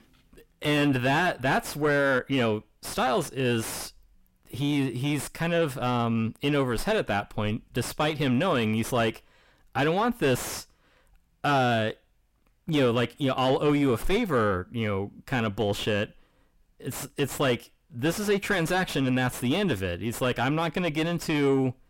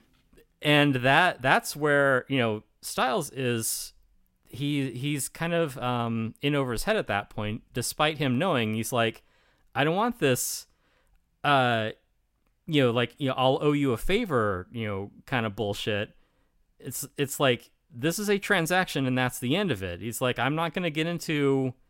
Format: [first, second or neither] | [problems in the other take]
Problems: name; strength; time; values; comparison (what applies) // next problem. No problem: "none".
second | distortion; heavy; 6 dB below the speech